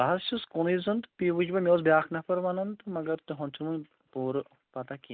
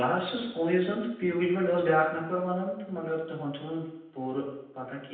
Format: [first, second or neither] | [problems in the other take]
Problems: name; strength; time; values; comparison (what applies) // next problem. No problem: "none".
first | room echo; dies away in 0.9 s